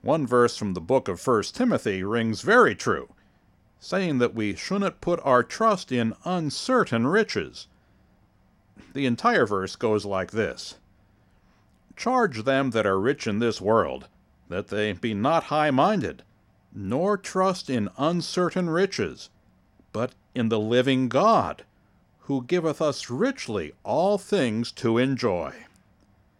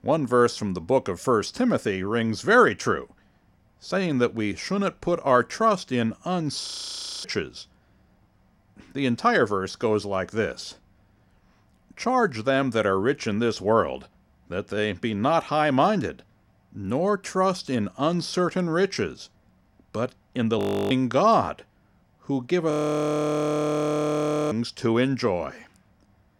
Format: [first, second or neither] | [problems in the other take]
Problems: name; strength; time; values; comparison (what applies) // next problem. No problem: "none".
first | audio freezing; at 6.5 s for 0.5 s, at 21 s and at 23 s for 2 s